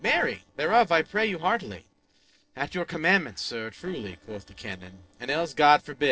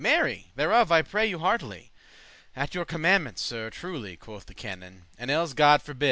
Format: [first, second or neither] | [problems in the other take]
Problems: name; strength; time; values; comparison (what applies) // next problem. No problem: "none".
second | noise reduction (neural separator model SepFormer DNS4)